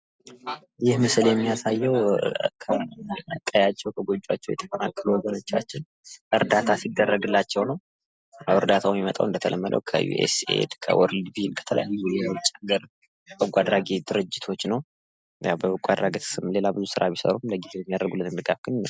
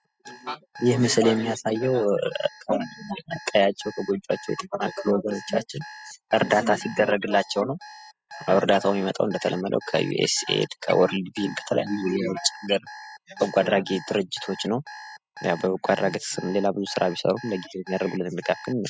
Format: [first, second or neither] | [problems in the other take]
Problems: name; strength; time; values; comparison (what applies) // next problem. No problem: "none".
first | noise reduction (classical method spectral subtraction)